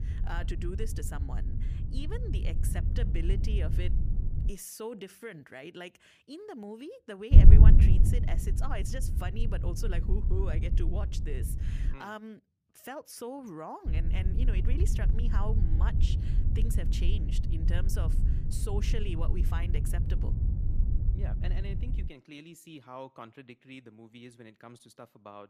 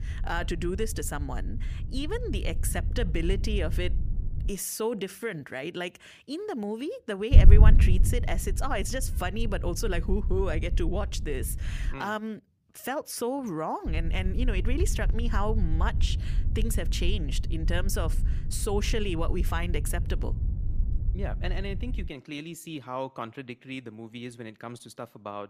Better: second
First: wind noise on the microphone; heavy; until 4.5 s, from 7.5 to 12 s and from 14 to 22 s; 2 dB below the speech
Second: wind noise on the microphone; occasional gusts; until 4.5 s, from 7.5 to 12 s and from 14 to 22 s; 10 dB below the speech

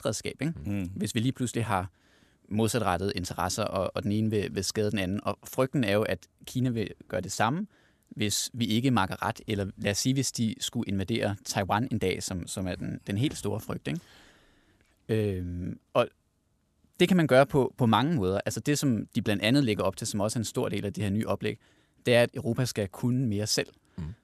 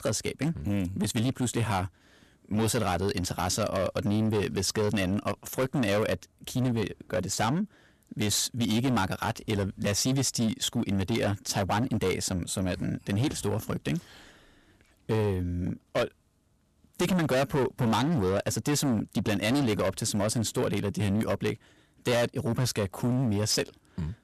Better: first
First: none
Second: distortion; heavy; 14% of the sound clipped

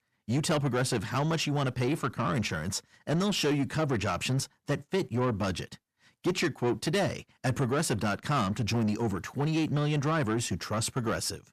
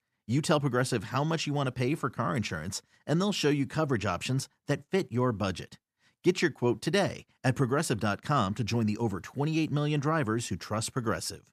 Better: second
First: distortion; slight; 10 dB below the speech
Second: none

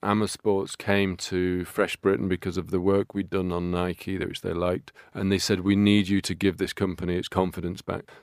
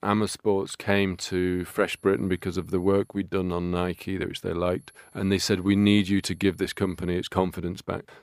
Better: first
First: none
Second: high-pitched whine; faint; from 1 to 3 s and from 5 to 7 s; 11 kHz, 30 dB below the speech

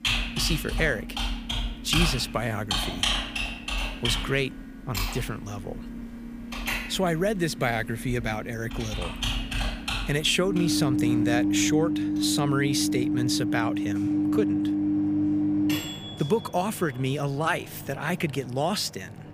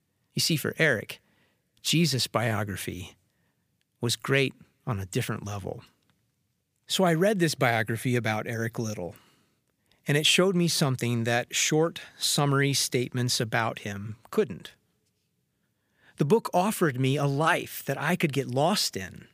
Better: second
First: household noises; loud; throughout; as loud as the speech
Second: none

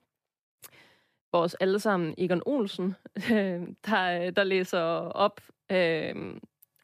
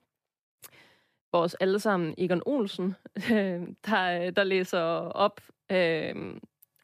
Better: neither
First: none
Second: none

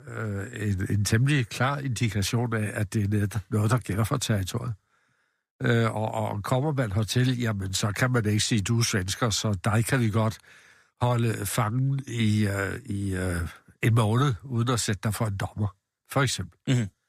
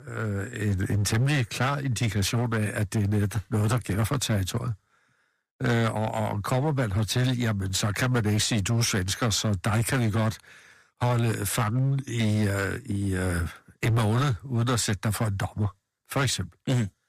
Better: first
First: none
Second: distortion; slight; 13% of the sound clipped

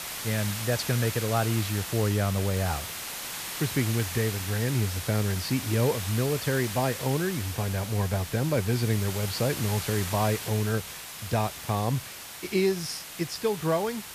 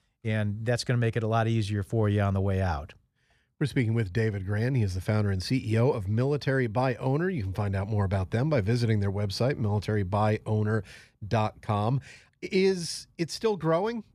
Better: second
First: hiss; loud; throughout; 6 dB below the speech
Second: none

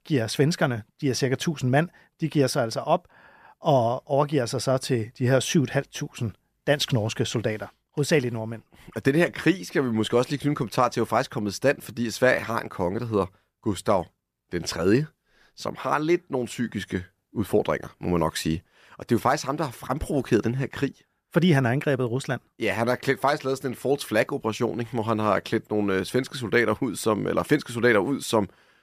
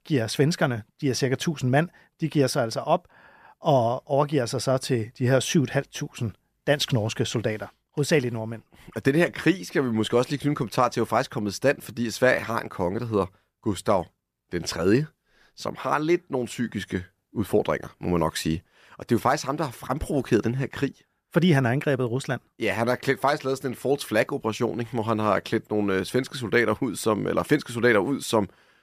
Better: neither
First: none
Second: none

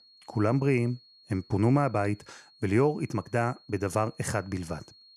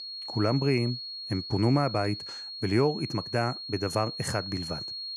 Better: first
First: high-pitched whine; faint; throughout; 4.5 kHz, 25 dB below the speech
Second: high-pitched whine; loud; throughout; 4.5 kHz, 7 dB below the speech

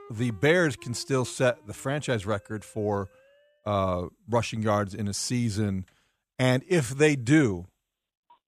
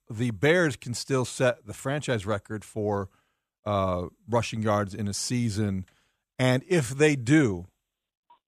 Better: second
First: background music; faint; until 3.5 s; 30 dB below the speech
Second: none

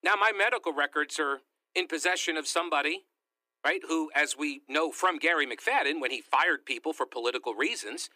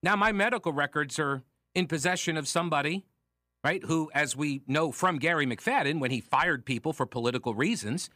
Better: second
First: thin; somewhat; fading below 300 Hz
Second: none

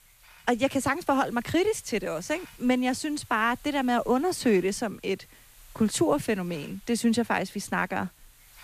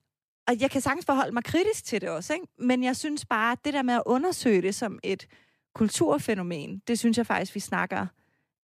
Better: second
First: hiss; faint; throughout; 25 dB below the speech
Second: none

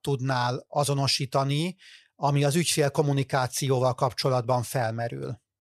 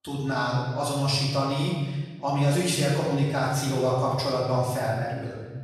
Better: first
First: none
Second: room echo; strong; dies away in 1.3 s // off-mic speech; far

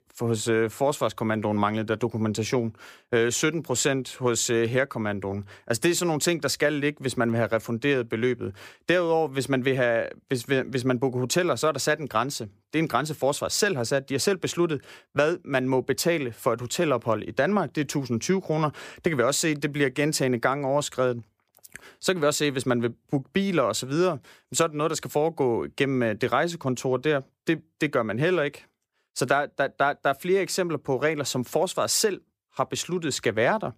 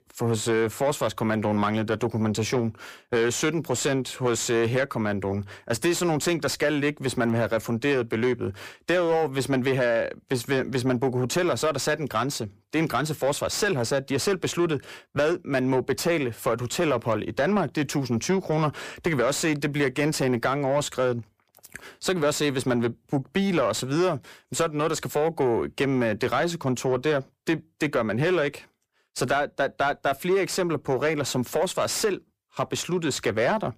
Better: first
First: none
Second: distortion; slight; 10 dB below the speech

